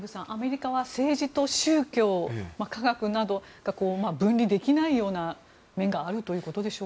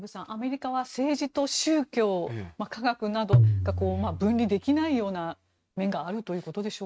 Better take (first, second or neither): first